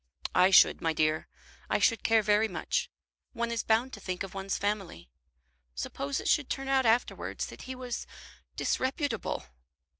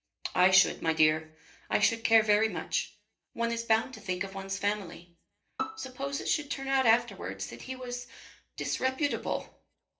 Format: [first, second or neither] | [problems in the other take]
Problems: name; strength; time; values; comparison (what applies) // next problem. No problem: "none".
first | background sound (Bowed string instrument); 10 dB below the speech // room echo; dies away in 0.3 s